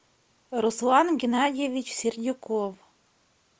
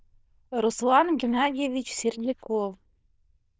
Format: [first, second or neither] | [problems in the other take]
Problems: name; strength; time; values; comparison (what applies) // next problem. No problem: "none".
first | noise reduction (neural diffusion model UNIVERSE++)